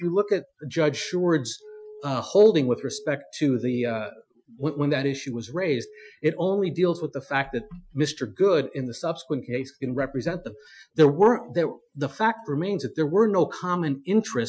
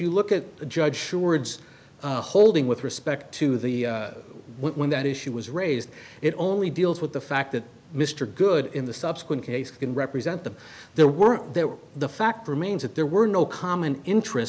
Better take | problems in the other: second | noise reduction (classical method Wiener filter)

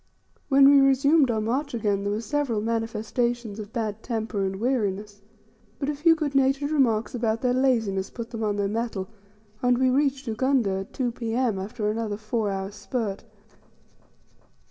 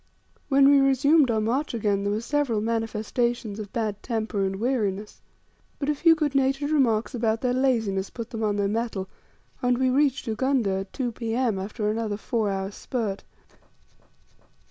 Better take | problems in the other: second | room echo; dies away in 1.1 s

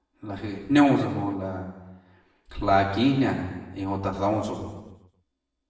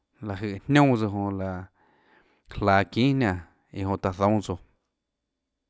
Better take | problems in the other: second | room echo; dies away in 1.1 s

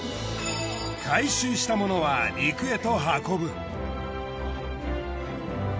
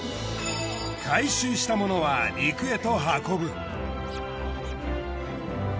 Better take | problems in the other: first | background sound (Scratching (performance technique)); 20 dB below the speech

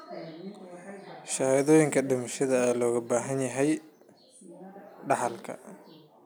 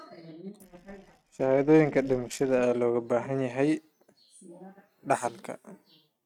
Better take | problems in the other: first | noise reduction (neural mask model RNNoise)

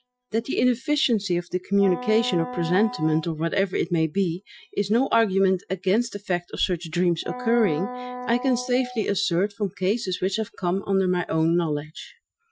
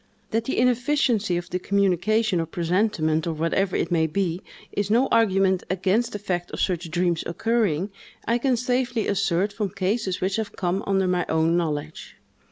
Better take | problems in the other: second | noise reduction (classical method Wiener filter)

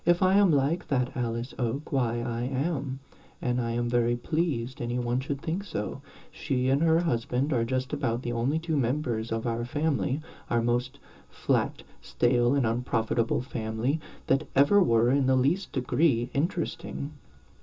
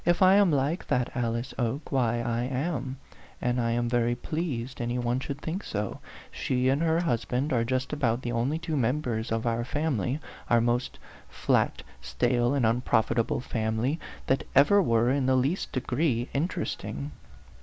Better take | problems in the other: second | room echo; dies away in 0.2 s

